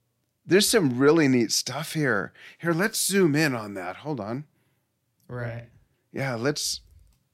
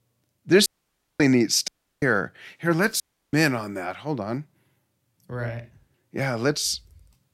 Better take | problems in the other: first | audio cutting out; at 0.5 s for 0.5 s, at 1.5 s and at 3 s

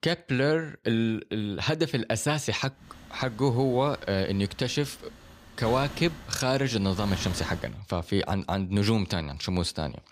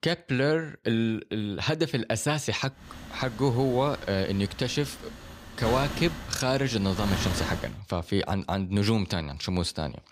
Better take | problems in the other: first | wind noise on the microphone; heavy; from 3 to 7.5 s; 9 dB below the speech; occasional gusts in the first

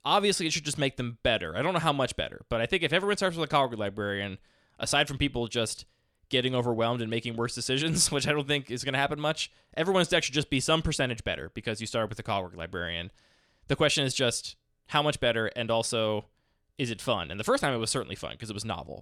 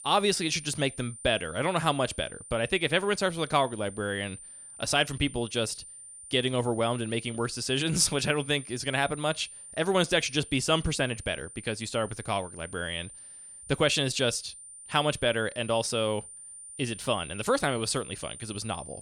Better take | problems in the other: first | high-pitched whine; noticeable; throughout; 9 kHz, 15 dB below the speech

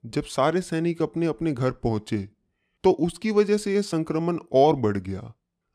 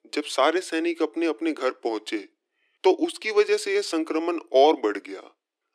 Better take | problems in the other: first | thin; somewhat; fading below 300 Hz

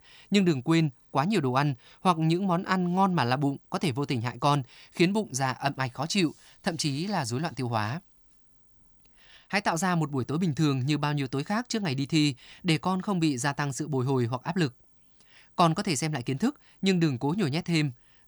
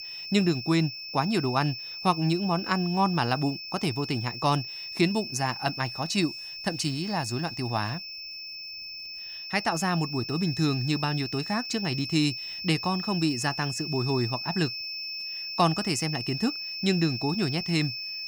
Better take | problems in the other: first | high-pitched whine; loud; throughout; 5.5 kHz, 6 dB below the speech

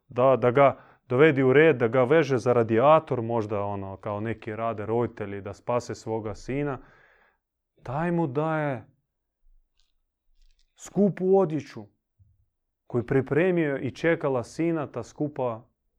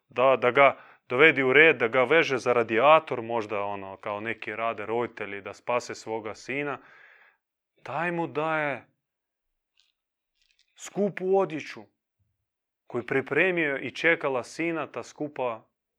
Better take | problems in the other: first | thin; very slightly; fading below 950 Hz

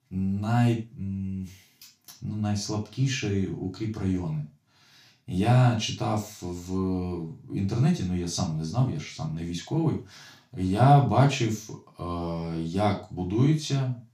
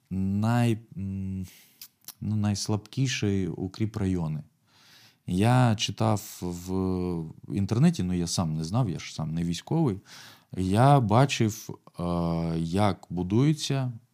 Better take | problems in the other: second | room echo; noticeable; dies away in 0.3 s // off-mic speech; far

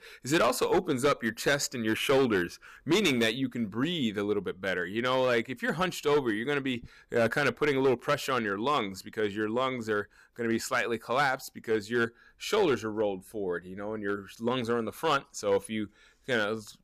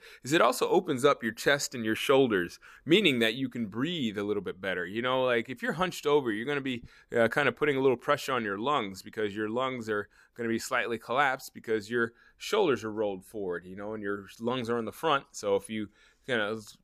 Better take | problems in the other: second | distortion; slight; 5% of the sound clipped

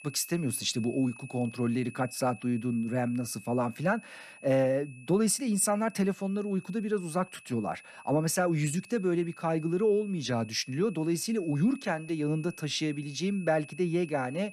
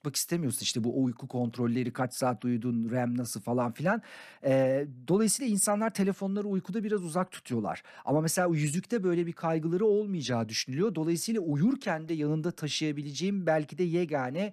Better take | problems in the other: second | high-pitched whine; noticeable; throughout; 2.5 kHz, 20 dB below the speech

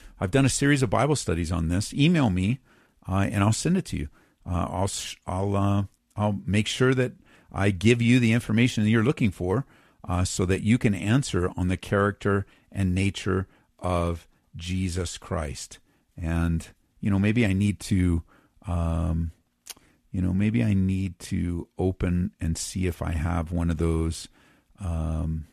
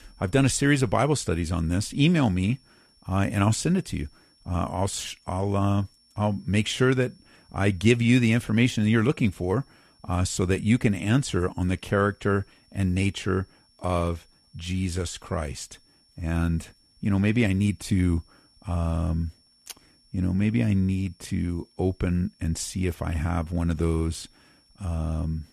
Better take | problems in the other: first | high-pitched whine; faint; throughout; 5.5 kHz, 35 dB below the speech

